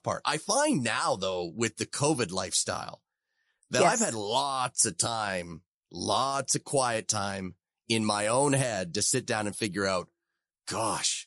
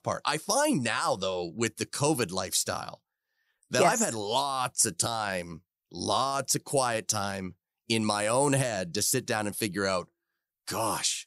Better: second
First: garbled, watery; slightly; nothing above 11 kHz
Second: none

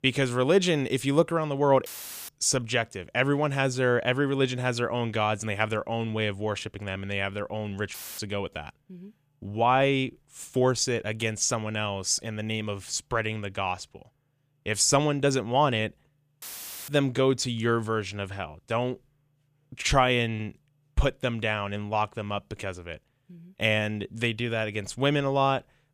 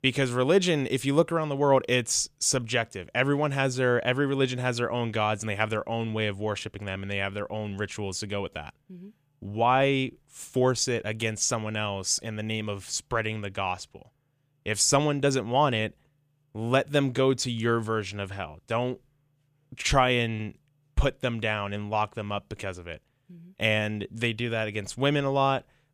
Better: second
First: audio cutting out; filled with static; at 2 s, at 8 s and at 16 s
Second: none

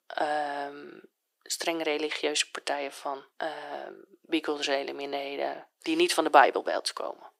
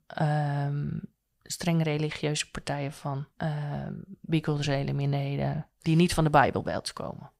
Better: second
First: thin; very; fading below 350 Hz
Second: none

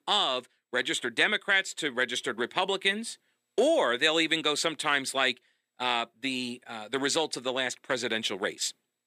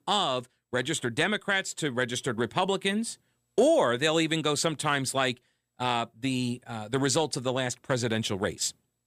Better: second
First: thin; very slightly; fading below 300 Hz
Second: none

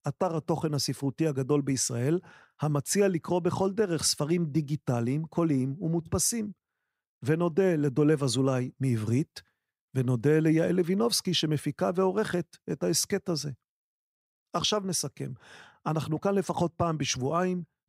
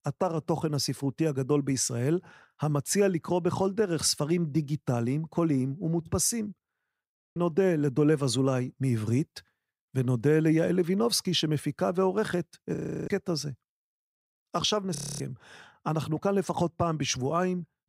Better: first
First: none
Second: audio freezing; at 7 s, at 13 s and at 15 s

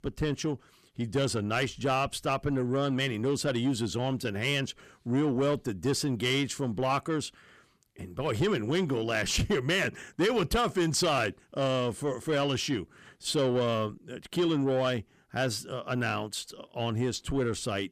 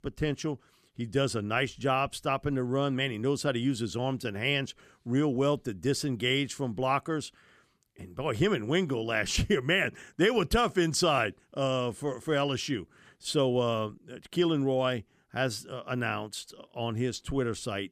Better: second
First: distortion; slight; 10 dB below the speech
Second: none

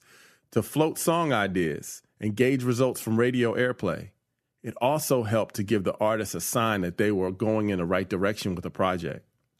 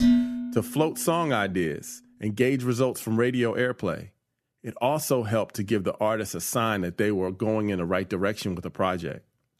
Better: first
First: none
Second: clattering dishes; loud; at the start; peak 5 dB above the speech

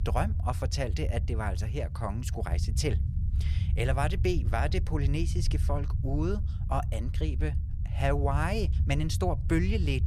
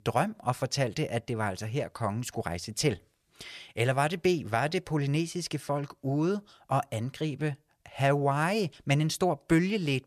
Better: second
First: low rumble; noticeable; throughout; 15 dB below the speech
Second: none

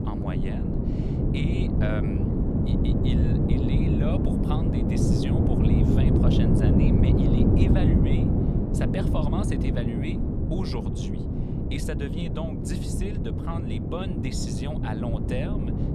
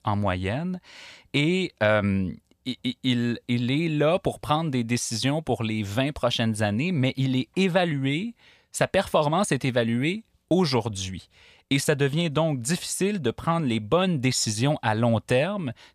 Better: second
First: wind noise on the microphone; heavy; 5 dB above the speech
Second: none

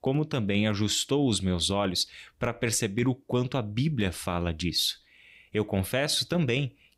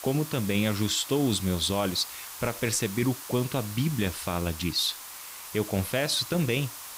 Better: first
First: none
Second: hiss; noticeable; throughout; 10 dB below the speech

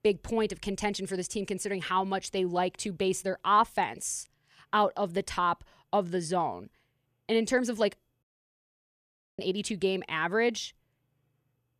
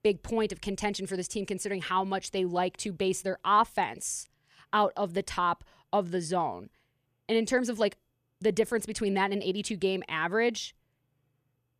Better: second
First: audio cutting out; at 8 s for 1 s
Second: none

